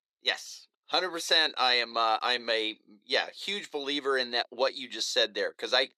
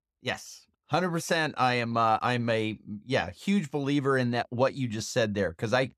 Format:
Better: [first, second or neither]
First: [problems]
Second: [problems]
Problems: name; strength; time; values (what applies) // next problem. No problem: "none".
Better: second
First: thin; somewhat; fading below 350 Hz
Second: none